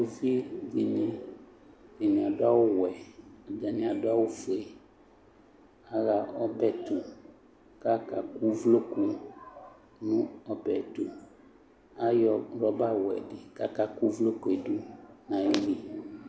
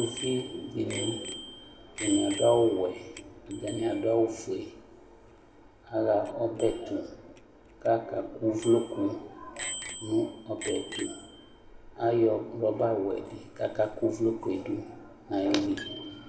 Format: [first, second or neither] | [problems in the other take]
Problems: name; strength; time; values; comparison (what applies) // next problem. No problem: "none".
first | background sound (Bicycle bell); 13 dB below the speech // room echo; dies away in 1.3 s